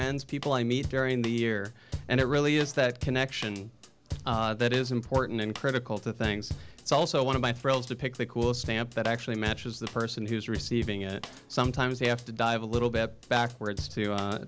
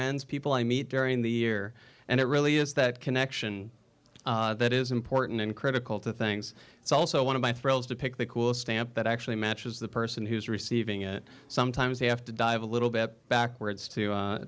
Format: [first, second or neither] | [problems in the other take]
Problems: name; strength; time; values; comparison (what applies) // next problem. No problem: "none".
second | background sound (Drum / Drum kit); 12 dB below the speech